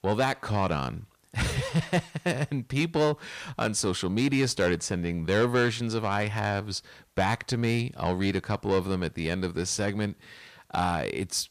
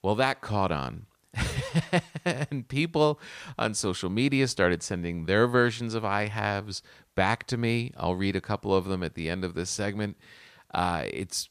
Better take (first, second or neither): second